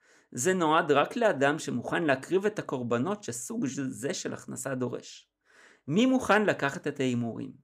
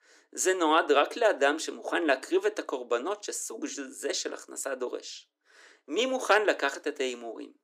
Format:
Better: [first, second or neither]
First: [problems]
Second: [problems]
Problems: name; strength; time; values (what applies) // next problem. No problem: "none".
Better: first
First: none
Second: thin; somewhat; fading below 300 Hz